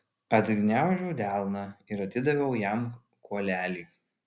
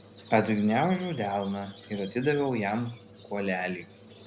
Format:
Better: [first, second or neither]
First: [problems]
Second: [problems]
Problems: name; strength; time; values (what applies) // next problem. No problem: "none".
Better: first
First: none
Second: background sound (Squeak); 20 dB below the speech